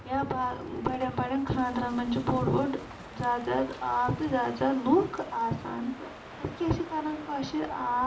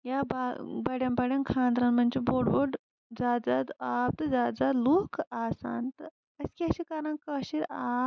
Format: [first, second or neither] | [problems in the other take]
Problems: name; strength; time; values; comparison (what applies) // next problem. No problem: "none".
second | background sound (Crow); 15 dB below the speech // room echo; dies away in 0.4 s